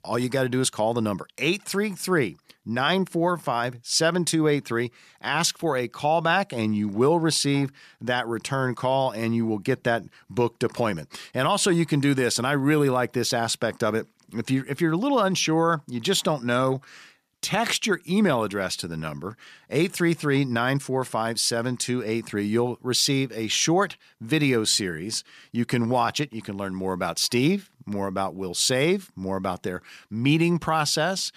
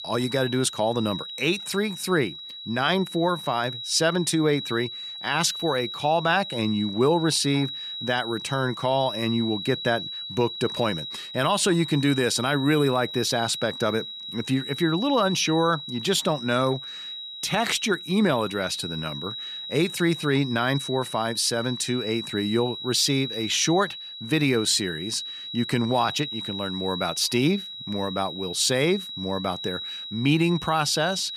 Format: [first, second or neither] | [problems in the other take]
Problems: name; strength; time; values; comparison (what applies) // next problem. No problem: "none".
first | high-pitched whine; loud; throughout; 4 kHz, 8 dB below the speech